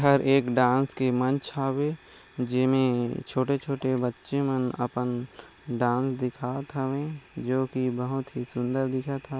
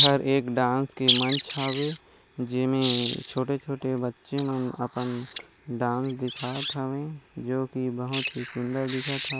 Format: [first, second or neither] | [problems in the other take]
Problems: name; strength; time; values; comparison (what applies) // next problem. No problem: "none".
first | noise reduction (neural mask model Resemble Enhance denoiser)